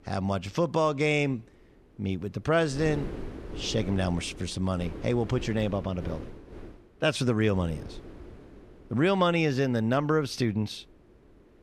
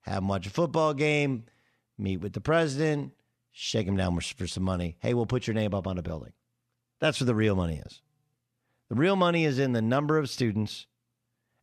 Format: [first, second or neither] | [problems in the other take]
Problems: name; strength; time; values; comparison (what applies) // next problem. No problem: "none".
second | wind noise on the microphone; occasional gusts; 15 dB below the speech